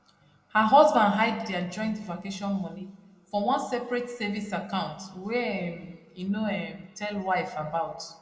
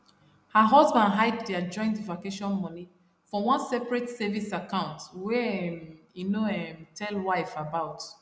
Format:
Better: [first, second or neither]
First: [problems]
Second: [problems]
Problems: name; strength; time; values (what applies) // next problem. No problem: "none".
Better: second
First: room echo; dies away in 1.3 s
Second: none